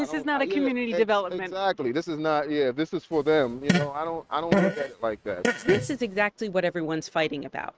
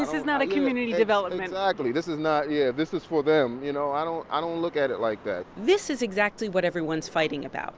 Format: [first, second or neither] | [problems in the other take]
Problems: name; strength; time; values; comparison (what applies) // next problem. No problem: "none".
second | noise reduction (neural mask model RNNoise)